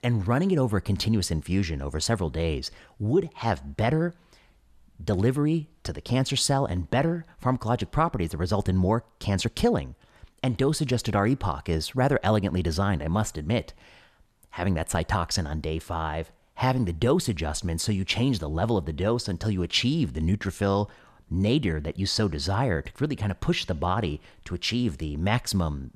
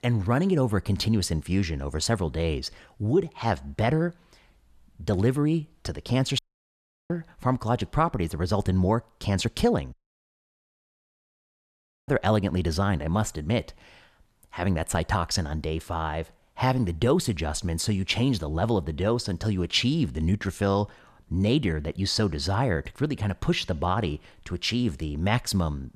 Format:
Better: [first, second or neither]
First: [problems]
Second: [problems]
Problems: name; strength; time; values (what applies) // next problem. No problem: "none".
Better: first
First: none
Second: audio cutting out; at 6.5 s for 0.5 s and at 10 s for 2 s